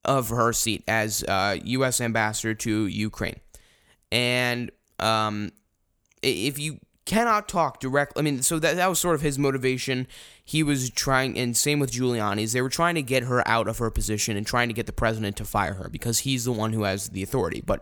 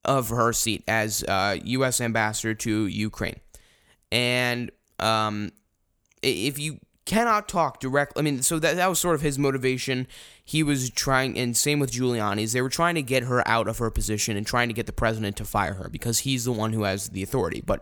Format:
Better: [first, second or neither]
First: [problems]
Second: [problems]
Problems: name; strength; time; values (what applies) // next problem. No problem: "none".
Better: neither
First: none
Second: none